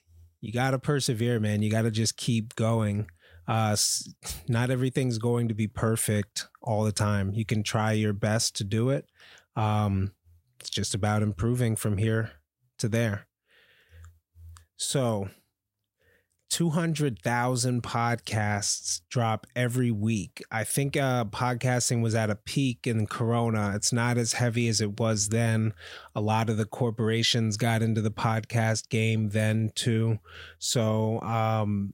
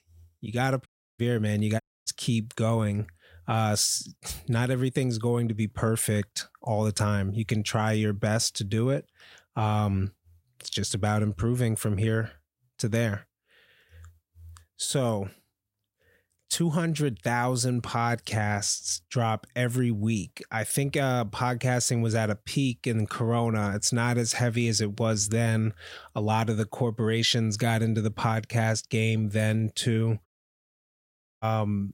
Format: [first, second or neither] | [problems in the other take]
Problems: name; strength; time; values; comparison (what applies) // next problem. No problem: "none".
first | audio cutting out; at 1 s, at 2 s and at 30 s for 1 s